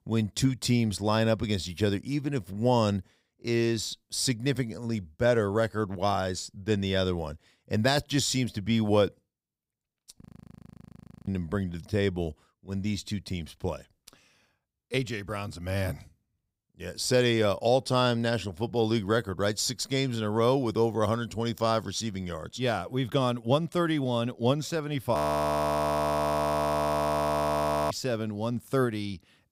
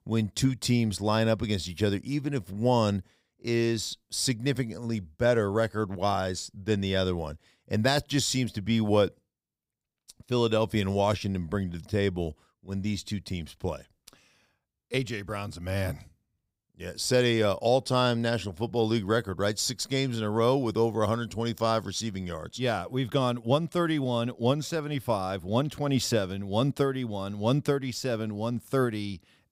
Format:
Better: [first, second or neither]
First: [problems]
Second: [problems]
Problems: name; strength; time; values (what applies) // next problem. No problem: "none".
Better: second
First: audio freezing; at 10 s for 1 s and at 25 s for 3 s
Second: none